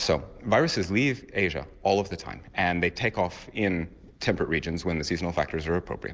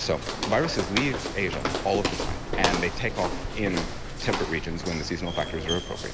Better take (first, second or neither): first